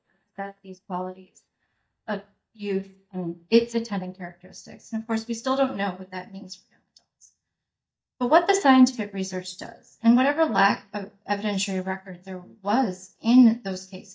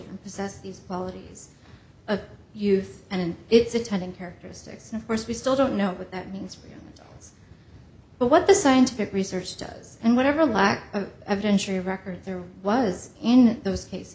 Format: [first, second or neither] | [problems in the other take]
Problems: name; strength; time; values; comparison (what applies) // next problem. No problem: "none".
second | noise reduction (neural mask model DeepFilterNet 3)